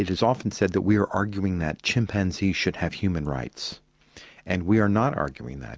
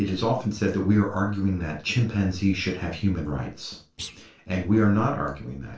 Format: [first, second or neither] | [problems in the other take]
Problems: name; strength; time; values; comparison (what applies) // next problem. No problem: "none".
first | noise reduction (neural separator model SepFormer DNS4)